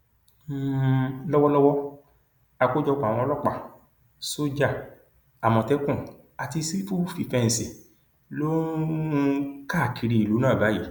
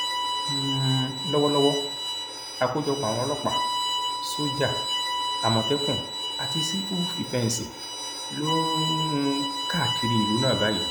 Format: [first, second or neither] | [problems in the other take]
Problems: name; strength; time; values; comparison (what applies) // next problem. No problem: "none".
first | background sound (Bowed string instrument); 1 dB below the speech